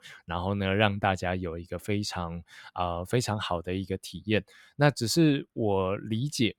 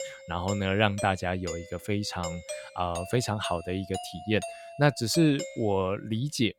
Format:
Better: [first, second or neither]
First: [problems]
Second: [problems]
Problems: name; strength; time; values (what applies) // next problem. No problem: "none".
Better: first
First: none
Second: doorbell; noticeable; until 6 s; peak 8 dB below the speech